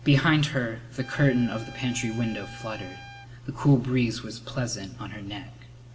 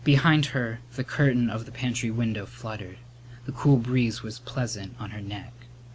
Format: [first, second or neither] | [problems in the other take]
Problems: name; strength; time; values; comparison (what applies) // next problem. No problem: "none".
second | background sound (Trumpet); 18 dB below the speech // room echo; dies away in 0.9 s